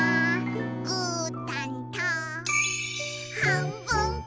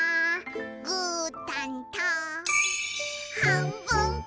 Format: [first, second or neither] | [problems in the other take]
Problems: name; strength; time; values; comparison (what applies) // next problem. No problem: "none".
second | background sound (Acoustic guitar); 5 dB below the speech